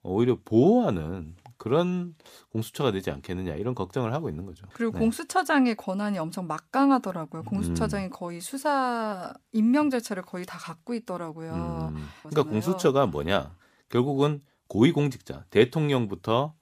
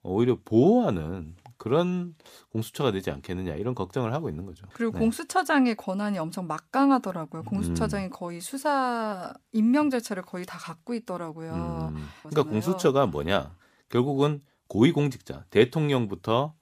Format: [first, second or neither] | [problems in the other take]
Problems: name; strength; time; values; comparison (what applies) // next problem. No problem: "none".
neither | none